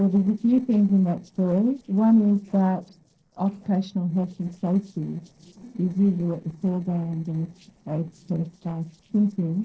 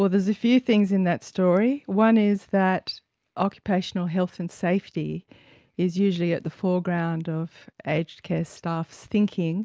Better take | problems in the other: second | noise reduction (neural separator model SepFormer DNS4)

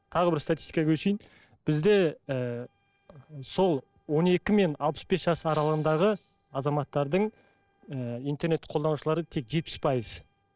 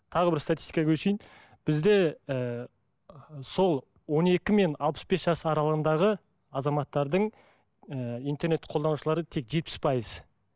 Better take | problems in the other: second | noise reduction (neural separator model SepFormer DNS4)

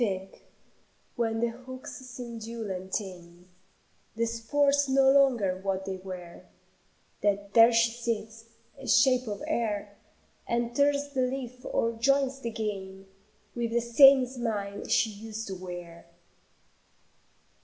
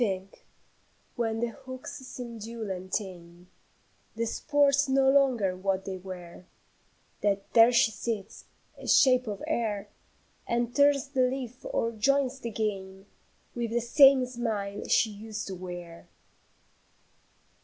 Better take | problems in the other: second | room echo; dies away in 0.7 s

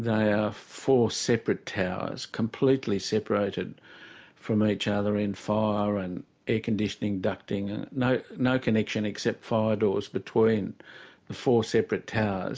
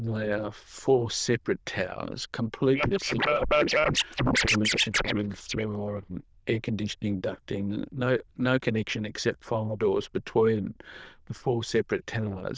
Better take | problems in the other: first | noise reduction (neural diffusion model UNIVERSE++)

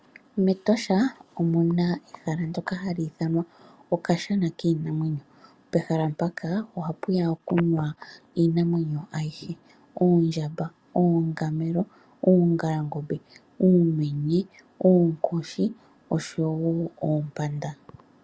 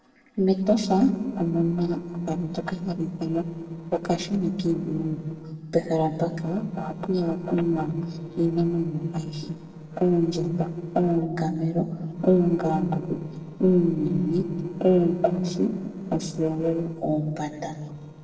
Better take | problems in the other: first | noise reduction (neural separator model SepFormer DNS4)

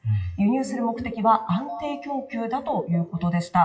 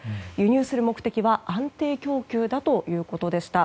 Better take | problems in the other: second | noise reduction (classical method WPE with log-MMSE)

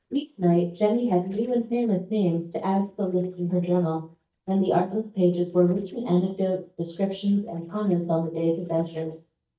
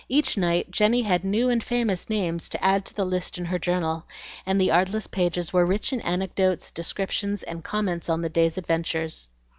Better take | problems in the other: second | noise reduction (neural mask model DeepFilterNet 3)

